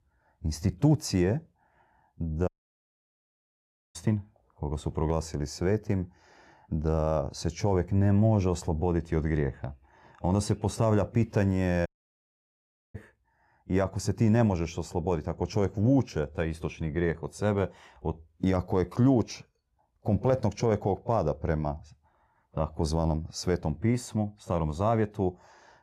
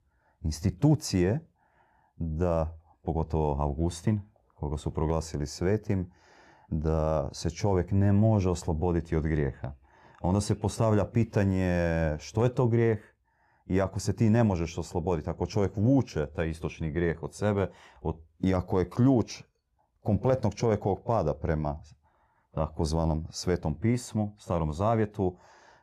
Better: second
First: audio cutting out; at 2.5 s for 1.5 s and at 12 s for 1 s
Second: none

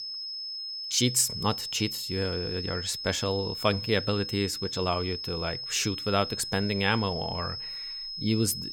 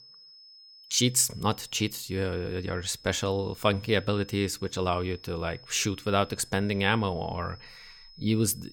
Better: second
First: high-pitched whine; loud; throughout; 5 kHz, 5 dB below the speech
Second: high-pitched whine; faint; throughout; 5 kHz, 20 dB below the speech

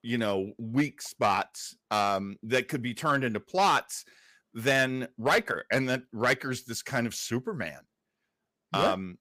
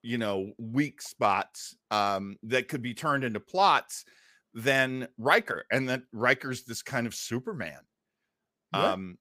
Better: second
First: distortion; slight; 2% of the sound clipped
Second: none

